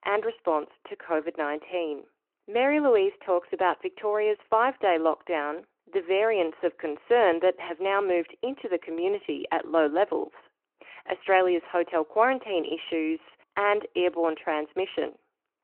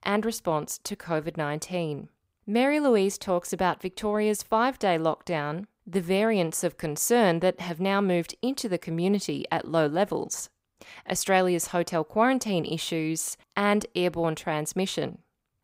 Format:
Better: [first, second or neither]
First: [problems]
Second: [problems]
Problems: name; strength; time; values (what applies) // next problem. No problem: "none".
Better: second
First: phone-call audio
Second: none